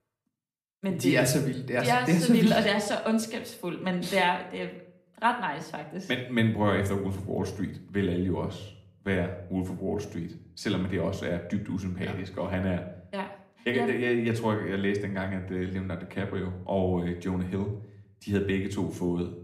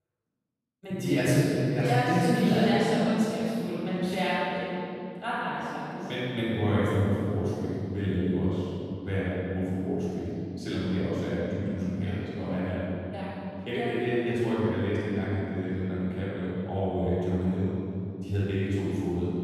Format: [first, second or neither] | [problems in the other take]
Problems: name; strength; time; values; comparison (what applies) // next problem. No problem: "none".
first | room echo; strong; dies away in 3 s; slight in the first // off-mic speech; far; somewhat distant in the first